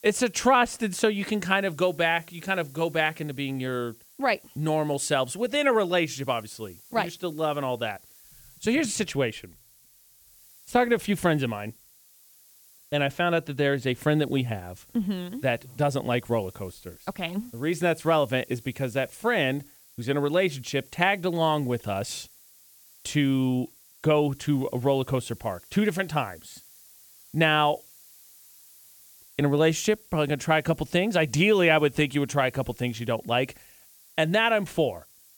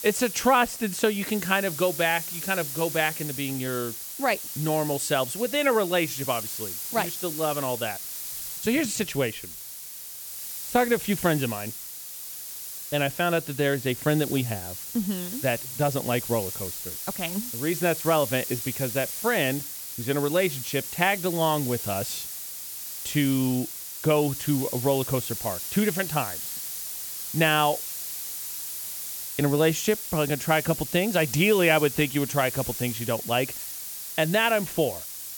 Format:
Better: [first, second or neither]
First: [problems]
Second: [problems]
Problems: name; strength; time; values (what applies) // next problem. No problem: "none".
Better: first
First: hiss; faint; throughout; 25 dB below the speech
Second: hiss; loud; throughout; 6 dB below the speech